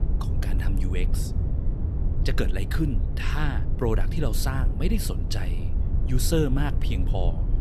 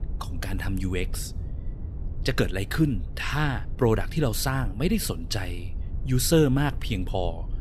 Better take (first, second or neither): second